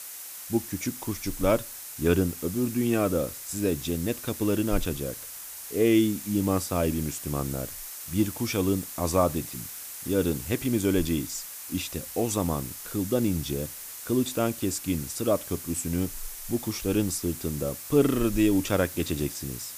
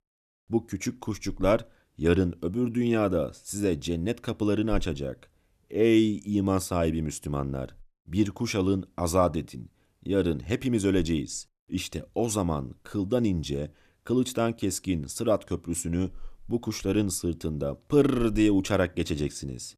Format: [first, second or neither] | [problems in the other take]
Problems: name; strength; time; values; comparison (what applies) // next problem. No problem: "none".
second | hiss; loud; throughout; 9 dB below the speech